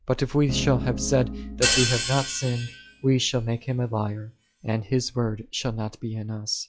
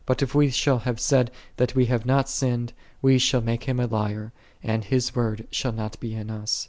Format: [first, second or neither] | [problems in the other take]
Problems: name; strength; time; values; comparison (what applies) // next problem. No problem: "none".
second | noise reduction (classical method log-MMSE)